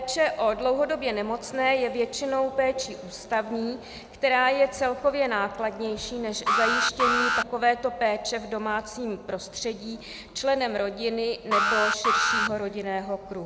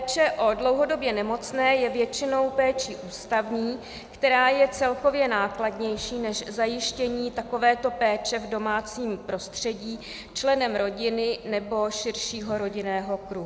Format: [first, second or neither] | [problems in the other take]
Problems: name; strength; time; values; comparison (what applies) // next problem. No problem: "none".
second | background sound (Alarm); 1 dB above the speech